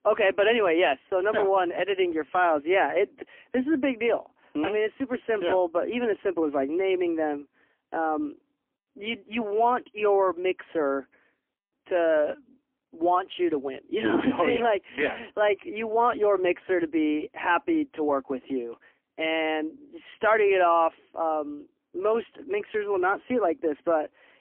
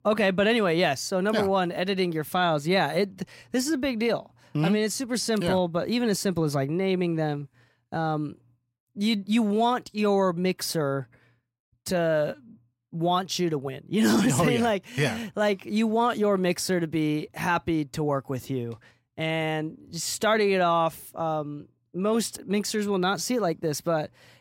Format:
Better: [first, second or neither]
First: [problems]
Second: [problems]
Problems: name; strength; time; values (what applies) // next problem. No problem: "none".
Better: second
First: phone-call audio; poor line; nothing above 3 kHz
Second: none